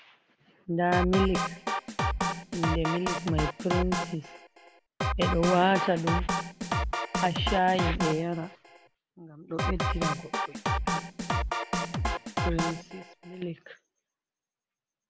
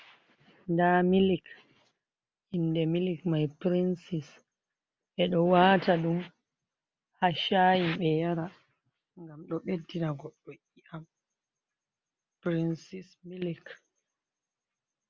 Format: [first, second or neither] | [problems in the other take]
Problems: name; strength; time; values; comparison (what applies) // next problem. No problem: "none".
second | background sound (Drum kit); 1 dB above the speech